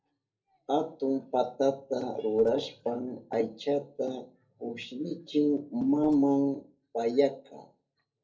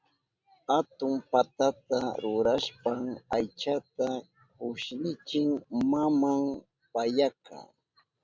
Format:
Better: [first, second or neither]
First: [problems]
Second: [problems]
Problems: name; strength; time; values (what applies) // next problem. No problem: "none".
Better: second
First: noise reduction (neural separator model SepFormer DNS4)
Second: none